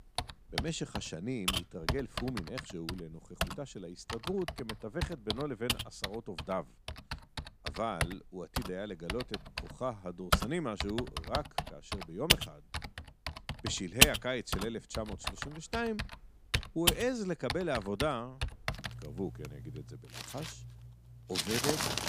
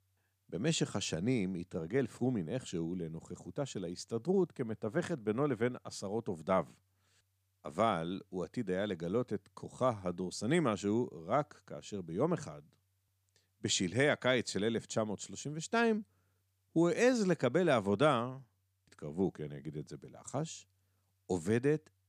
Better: second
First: household noises; very loud; throughout; 3 dB above the speech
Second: none

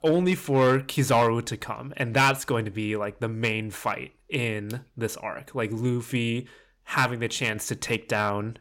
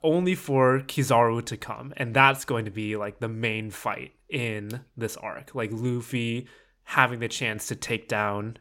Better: second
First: distortion; slight; 2% of the sound clipped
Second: none

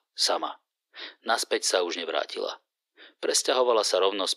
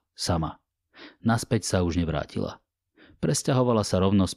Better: second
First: thin; very; fading below 350 Hz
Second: none

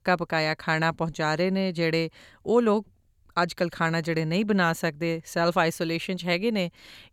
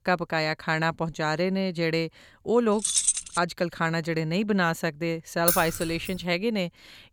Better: first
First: none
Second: jangling keys; loud; at 3 s and at 5.5 s; peak 5 dB above the speech

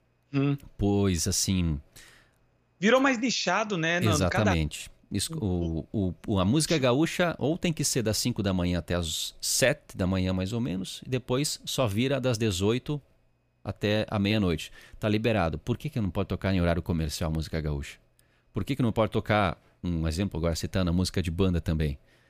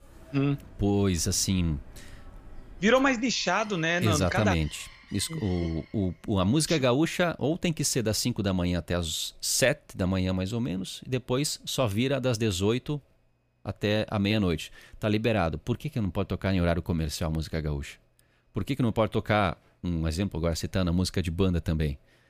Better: first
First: none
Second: animal sounds; faint; until 6 s; 20 dB below the speech

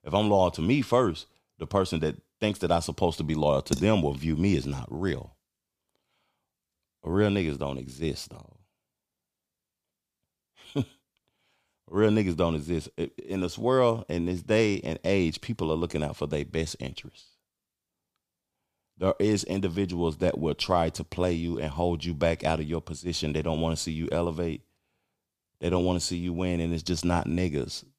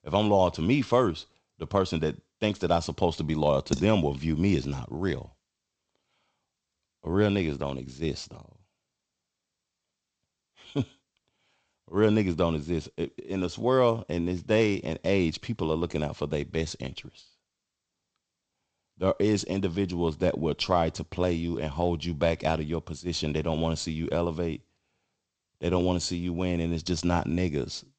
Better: first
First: none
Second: garbled, watery; slightly; nothing above 8 kHz

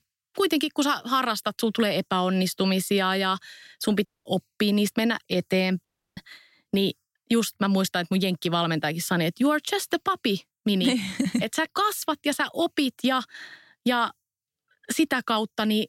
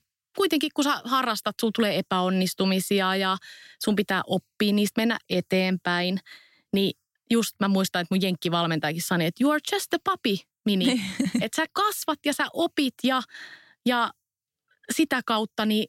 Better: second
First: audio cutting out; at 4 s and at 6 s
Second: none

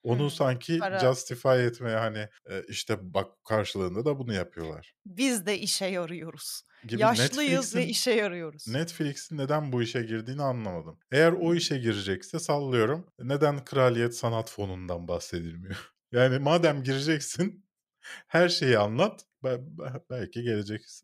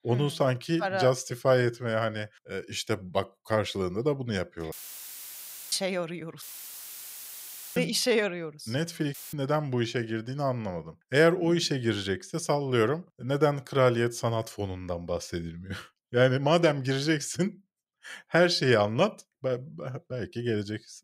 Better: first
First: none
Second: audio cutting out; filled with static; at 4.5 s for 1 s, at 6.5 s for 1.5 s and at 9 s

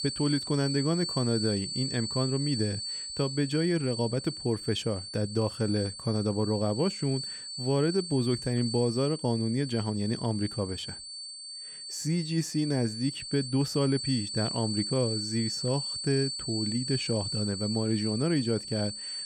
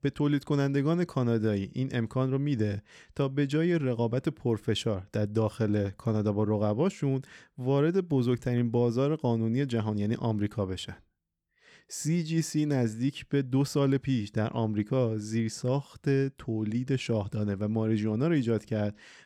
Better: second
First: high-pitched whine; loud; throughout; 4.5 kHz, 5 dB below the speech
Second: none

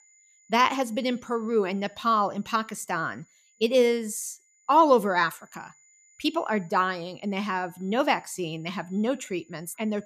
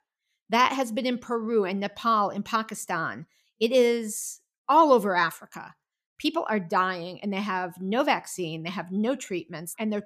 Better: second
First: high-pitched whine; faint; throughout; 7 kHz, 35 dB below the speech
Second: none

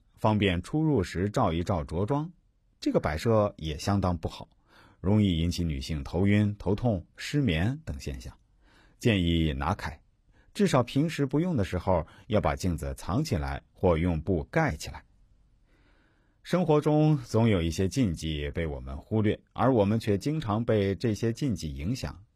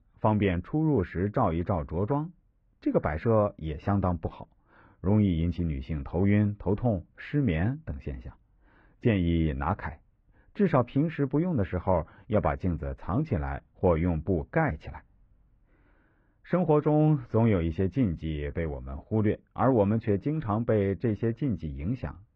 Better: first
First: none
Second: muffled; very; fading above 2 kHz

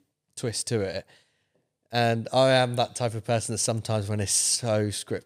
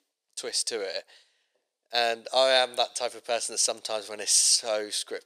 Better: first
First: none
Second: thin; very; fading below 450 Hz

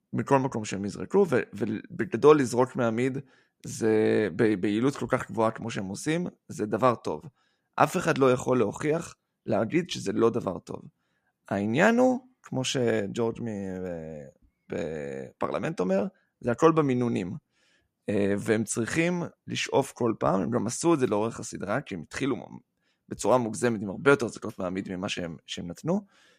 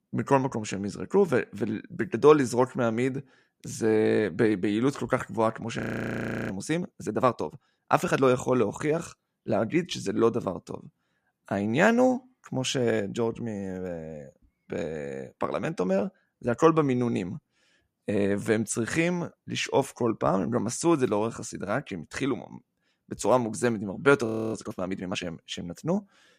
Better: first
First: none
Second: audio freezing; at 6 s for 0.5 s and at 24 s

